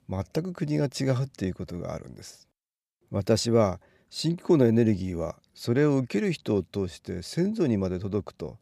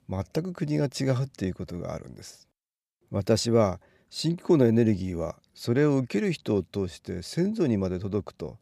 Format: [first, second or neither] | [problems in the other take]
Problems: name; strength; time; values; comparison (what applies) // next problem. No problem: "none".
neither | none